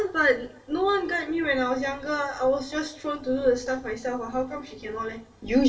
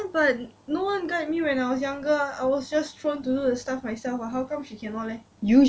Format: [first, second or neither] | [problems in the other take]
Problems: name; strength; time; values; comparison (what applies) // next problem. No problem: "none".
second | room echo; dies away in 0.8 s